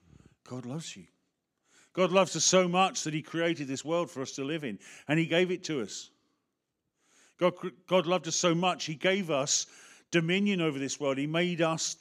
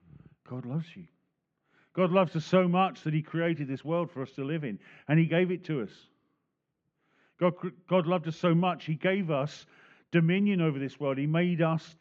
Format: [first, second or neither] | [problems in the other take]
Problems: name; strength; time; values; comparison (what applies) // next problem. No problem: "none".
first | muffled; very slightly; fading above 2.5 kHz